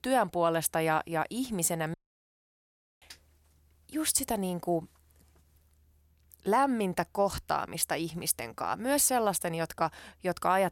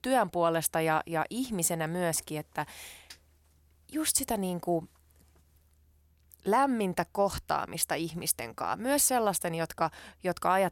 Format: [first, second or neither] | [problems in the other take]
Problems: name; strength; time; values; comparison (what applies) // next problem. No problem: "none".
second | audio cutting out; at 2 s for 1 s